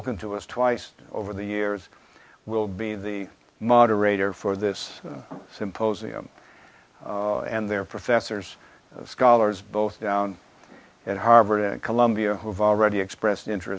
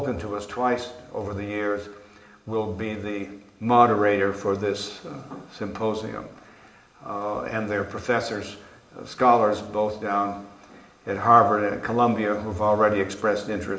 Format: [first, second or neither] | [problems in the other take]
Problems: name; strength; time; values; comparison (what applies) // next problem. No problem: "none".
first | room echo; dies away in 1.6 s